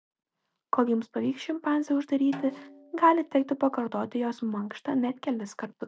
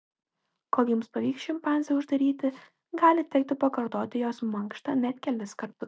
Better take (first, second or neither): second